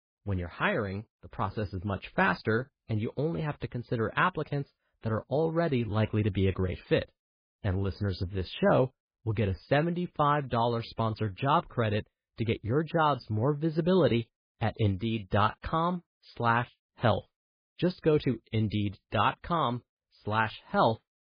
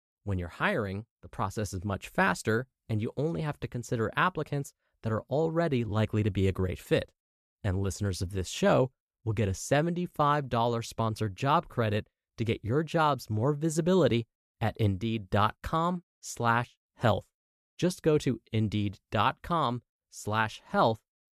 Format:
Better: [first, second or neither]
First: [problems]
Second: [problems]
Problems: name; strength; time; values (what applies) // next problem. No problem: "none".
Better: second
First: garbled, watery; badly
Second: none